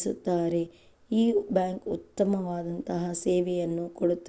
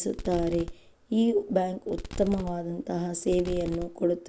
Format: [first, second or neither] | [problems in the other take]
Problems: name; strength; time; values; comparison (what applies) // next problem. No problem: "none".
first | background sound (Fireworks); 11 dB below the speech